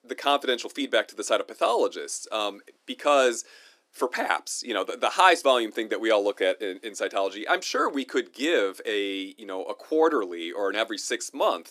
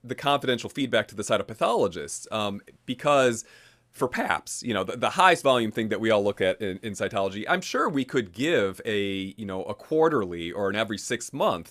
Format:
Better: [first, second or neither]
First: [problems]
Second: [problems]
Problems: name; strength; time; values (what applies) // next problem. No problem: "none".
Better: second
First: thin; very slightly; fading below 300 Hz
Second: none